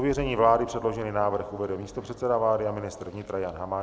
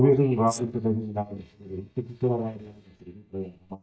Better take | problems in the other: first | noise reduction (neural mask model DeepFilterNet 3)

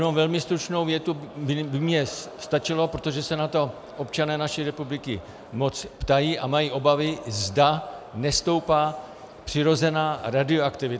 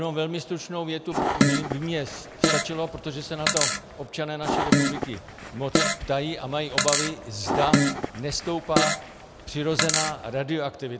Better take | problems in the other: first | background sound (Fart); 4 dB above the speech

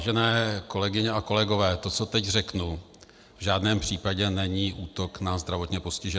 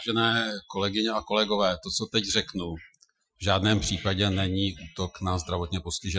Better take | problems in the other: first | noise reduction (classical method Wiener filter)

